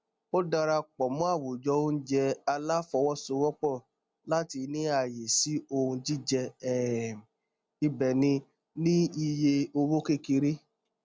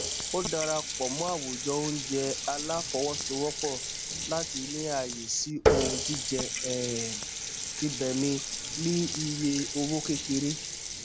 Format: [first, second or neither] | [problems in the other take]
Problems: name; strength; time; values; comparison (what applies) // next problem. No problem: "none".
first | background sound (Water tap, faucet); 1 dB below the speech